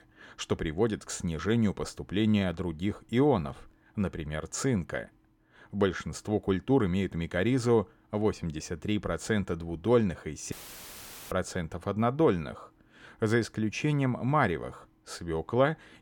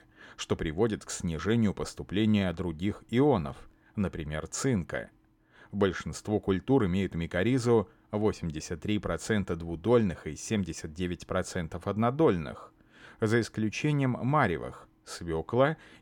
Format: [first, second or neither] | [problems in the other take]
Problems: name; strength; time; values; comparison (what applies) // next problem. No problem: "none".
second | audio cutting out; filled with static; at 11 s for 1 s